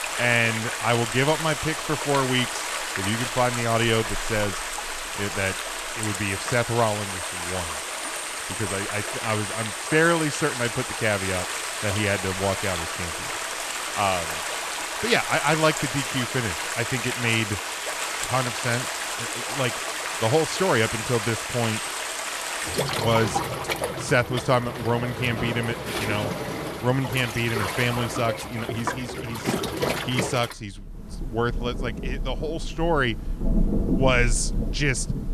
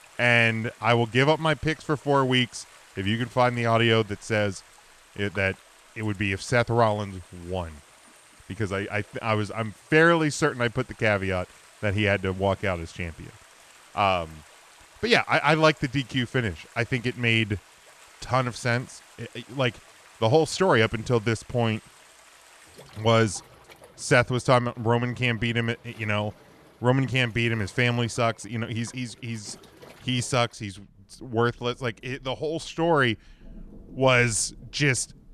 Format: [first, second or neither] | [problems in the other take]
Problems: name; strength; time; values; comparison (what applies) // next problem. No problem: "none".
second | rain or running water; loud; throughout; 3 dB below the speech; faint in the second